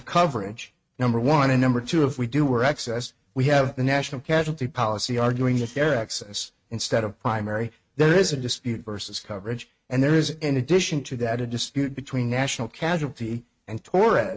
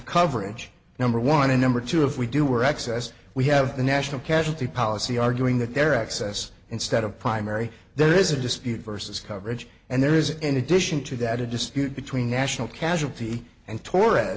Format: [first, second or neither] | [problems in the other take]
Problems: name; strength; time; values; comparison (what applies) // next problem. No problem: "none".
second | noise reduction (neural mask model RNNoise)